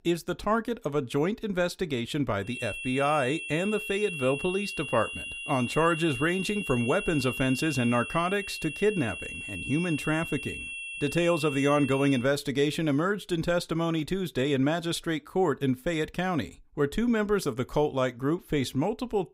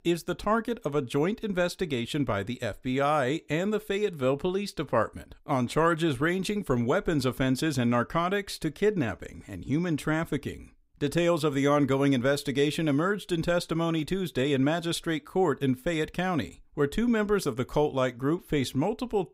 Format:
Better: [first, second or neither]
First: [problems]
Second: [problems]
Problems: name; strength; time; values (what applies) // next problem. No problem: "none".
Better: second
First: high-pitched whine; loud; from 2.5 to 12 s; 3 kHz, 7 dB below the speech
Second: none